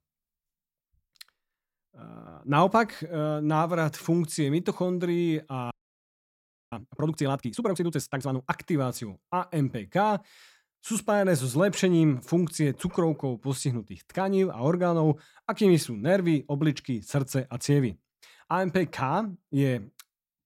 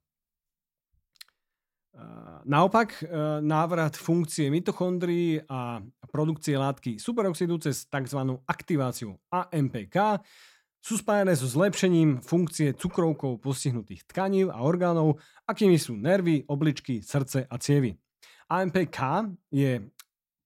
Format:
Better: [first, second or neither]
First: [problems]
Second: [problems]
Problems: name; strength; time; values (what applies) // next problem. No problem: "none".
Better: second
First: audio freezing; at 5.5 s for 1 s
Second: none